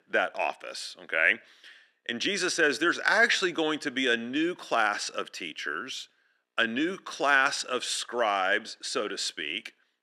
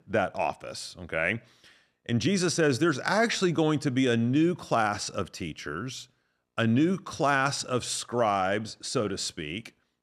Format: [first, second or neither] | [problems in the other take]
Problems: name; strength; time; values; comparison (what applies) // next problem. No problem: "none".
second | thin; somewhat; fading below 300 Hz